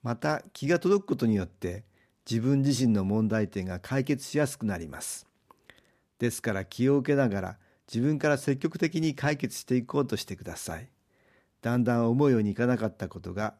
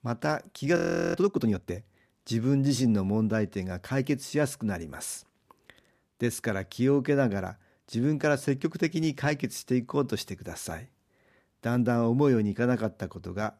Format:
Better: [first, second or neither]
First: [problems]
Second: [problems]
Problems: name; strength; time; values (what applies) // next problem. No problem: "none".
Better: first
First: none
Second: audio freezing; at 1 s